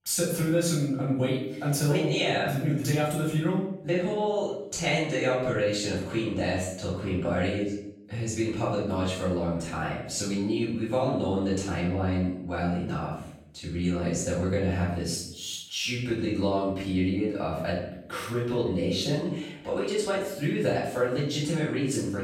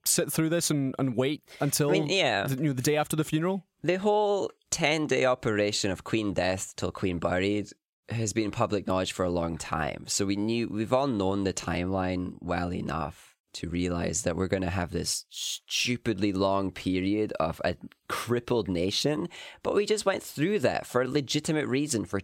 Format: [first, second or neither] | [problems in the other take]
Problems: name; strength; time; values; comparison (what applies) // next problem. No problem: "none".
second | room echo; noticeable; dies away in 0.7 s // off-mic speech; far